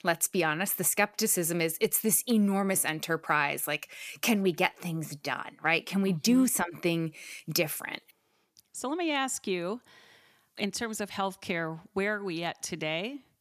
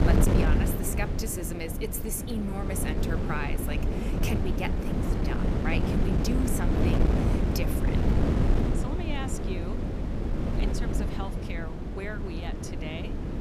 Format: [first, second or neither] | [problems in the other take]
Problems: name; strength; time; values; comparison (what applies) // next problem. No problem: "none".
first | wind noise on the microphone; heavy; 2 dB above the speech